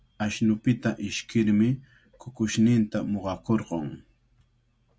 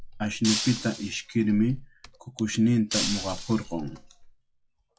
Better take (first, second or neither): first